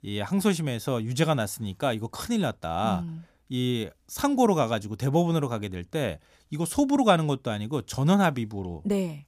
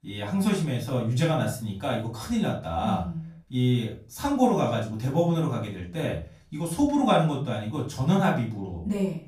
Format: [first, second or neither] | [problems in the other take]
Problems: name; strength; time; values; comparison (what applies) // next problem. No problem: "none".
first | off-mic speech; far // room echo; slight; dies away in 0.3 s